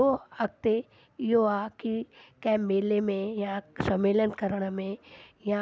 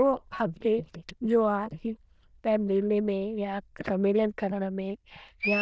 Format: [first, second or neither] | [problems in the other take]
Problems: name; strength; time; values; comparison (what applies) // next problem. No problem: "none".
first | noise reduction (neural diffusion model UNIVERSE++)